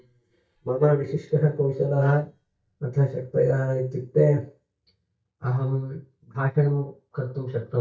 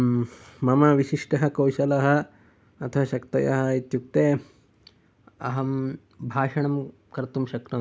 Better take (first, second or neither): second